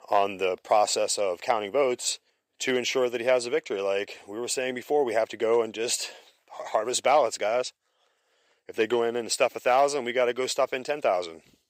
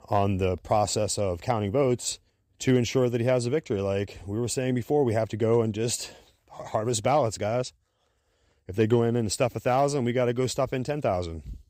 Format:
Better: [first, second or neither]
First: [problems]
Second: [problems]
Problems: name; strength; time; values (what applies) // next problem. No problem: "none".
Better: second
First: thin; very; fading below 500 Hz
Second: none